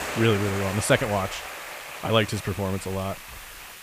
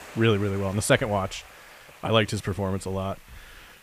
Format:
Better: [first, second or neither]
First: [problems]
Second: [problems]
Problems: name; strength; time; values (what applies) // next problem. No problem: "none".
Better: second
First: hiss; loud; throughout; 9 dB below the speech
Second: hiss; faint; throughout; 20 dB below the speech